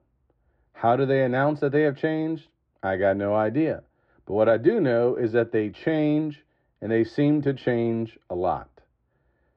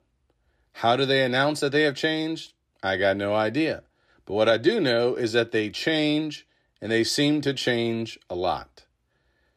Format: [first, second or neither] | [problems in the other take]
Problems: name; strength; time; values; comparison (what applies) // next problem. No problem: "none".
second | muffled; very; fading above 1.5 kHz